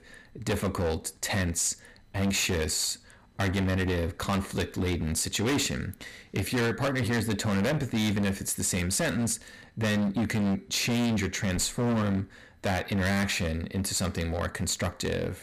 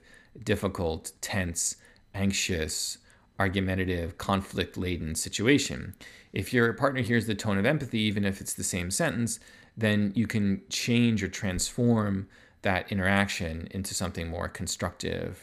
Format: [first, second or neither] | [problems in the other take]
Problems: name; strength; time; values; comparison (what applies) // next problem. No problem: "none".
second | distortion; heavy; 19% of the sound clipped